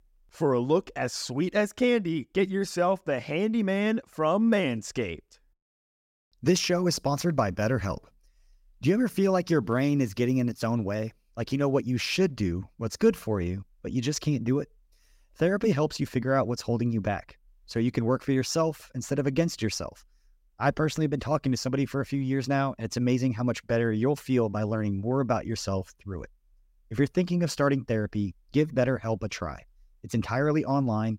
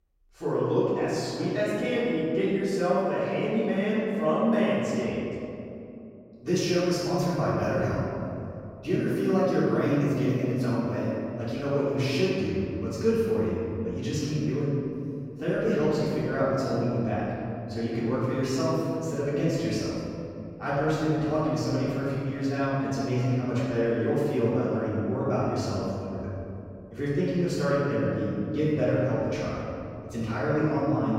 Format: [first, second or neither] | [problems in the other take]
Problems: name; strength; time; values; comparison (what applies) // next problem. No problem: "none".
first | room echo; strong; dies away in 2.6 s // off-mic speech; far